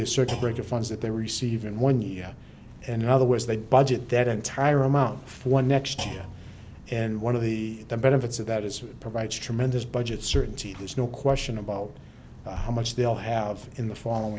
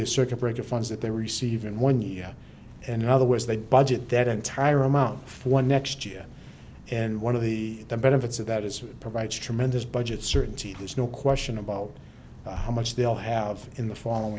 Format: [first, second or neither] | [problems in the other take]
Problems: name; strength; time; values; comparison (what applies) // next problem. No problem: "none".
second | background sound (Thump, thud); 18 dB below the speech